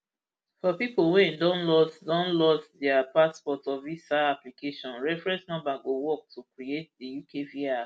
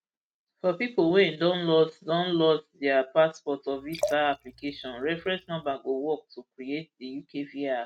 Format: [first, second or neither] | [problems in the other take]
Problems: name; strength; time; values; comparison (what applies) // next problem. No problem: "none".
first | noise reduction (neural mask model RNNoise)